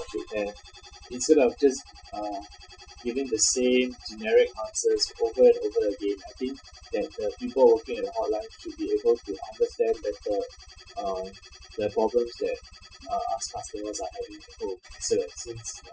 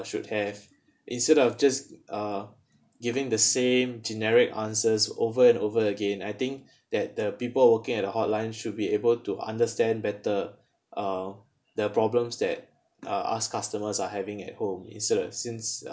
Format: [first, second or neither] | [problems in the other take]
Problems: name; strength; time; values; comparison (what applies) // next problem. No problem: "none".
second | noise reduction (classical method Wiener filter)